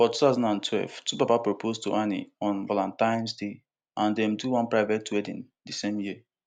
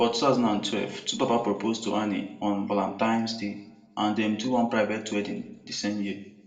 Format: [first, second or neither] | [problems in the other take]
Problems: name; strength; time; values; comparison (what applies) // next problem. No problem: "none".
first | room echo; dies away in 0.6 s